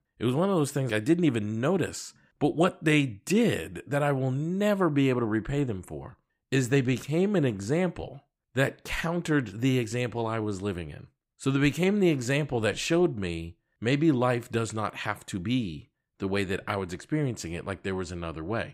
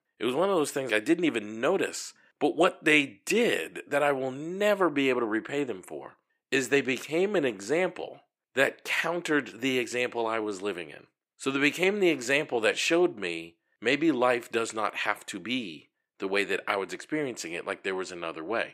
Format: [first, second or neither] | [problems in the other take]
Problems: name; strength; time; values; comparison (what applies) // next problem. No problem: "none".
first | thin; somewhat; fading below 400 Hz